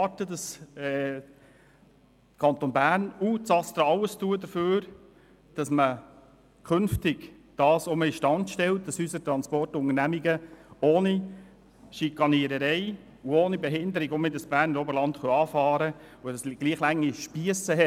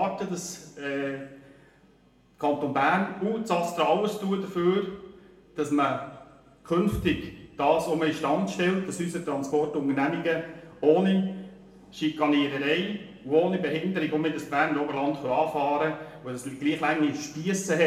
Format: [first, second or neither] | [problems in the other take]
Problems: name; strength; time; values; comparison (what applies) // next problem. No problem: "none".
first | room echo; dies away in 0.8 s